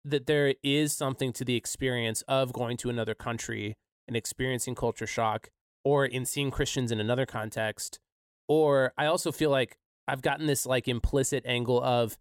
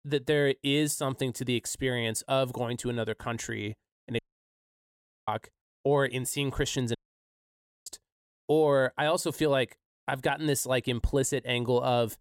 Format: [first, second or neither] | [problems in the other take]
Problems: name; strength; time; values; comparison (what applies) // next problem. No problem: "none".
first | audio cutting out; at 4 s for 1 s and at 7 s for 1 s